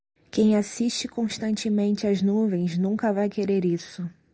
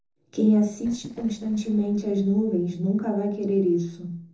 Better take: first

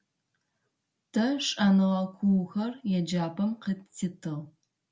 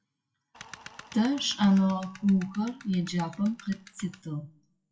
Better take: first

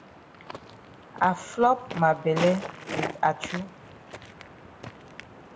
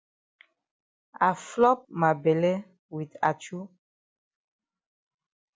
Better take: second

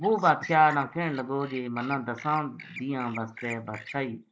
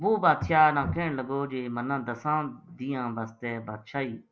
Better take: second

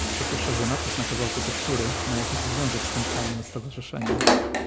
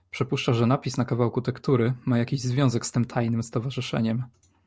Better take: second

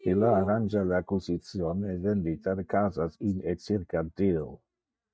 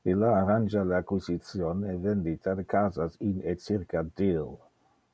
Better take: second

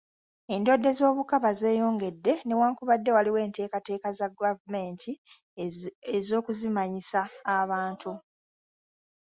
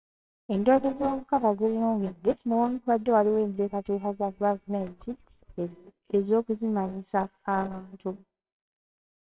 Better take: first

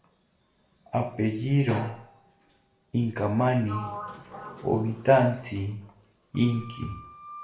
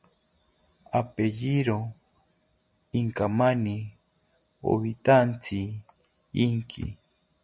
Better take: second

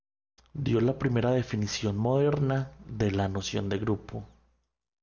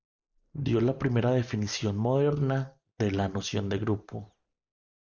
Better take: first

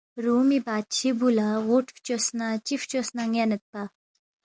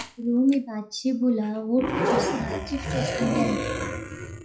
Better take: first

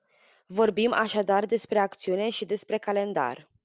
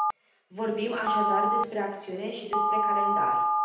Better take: first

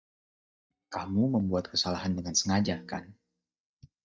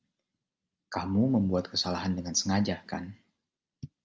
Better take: second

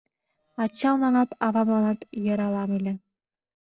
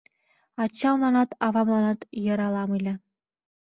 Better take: second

